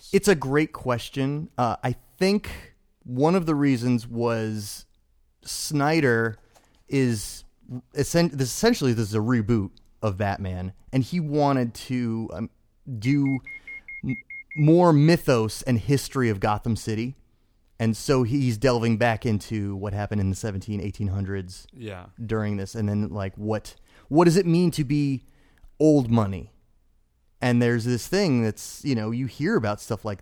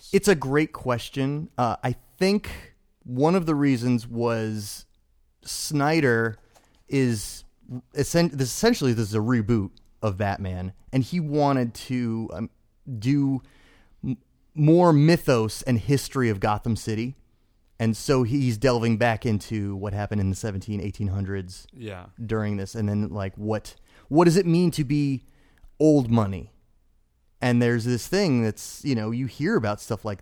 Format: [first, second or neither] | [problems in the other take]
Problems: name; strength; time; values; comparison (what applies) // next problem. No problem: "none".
second | alarm; faint; from 13 to 15 s; peak 15 dB below the speech